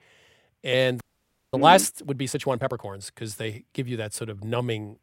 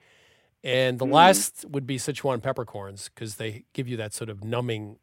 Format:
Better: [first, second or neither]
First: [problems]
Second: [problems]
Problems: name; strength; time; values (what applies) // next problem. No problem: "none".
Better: second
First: audio freezing; at 1 s for 0.5 s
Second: none